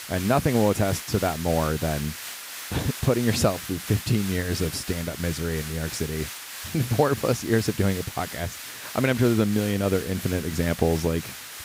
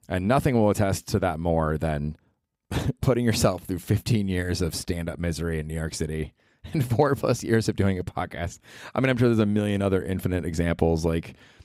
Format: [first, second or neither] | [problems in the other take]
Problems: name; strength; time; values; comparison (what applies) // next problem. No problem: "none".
second | hiss; loud; throughout; 9 dB below the speech